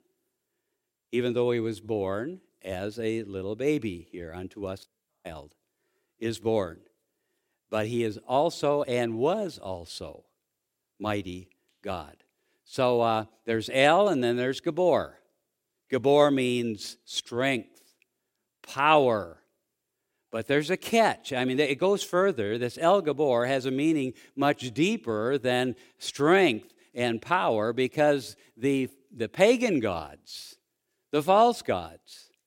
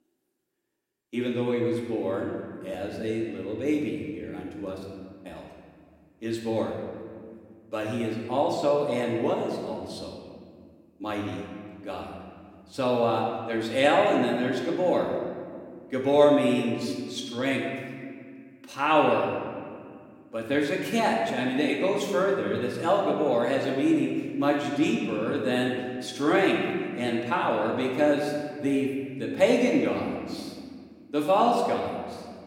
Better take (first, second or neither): first